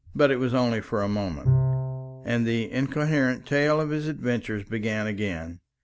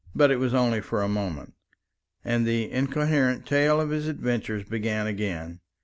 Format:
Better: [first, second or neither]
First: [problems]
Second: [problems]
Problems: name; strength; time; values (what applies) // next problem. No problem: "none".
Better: second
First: background sound (Bowed string instrument); 6 dB below the speech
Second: none